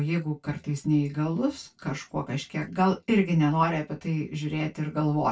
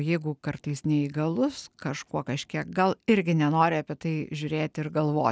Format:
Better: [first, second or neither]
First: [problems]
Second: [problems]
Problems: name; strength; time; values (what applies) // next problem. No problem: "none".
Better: second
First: room echo; dies away in 0.2 s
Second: none